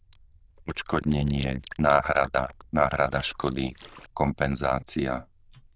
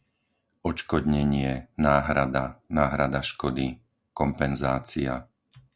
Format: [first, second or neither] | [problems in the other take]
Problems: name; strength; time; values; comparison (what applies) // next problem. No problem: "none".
second | noise reduction (neural diffusion model UNIVERSE++)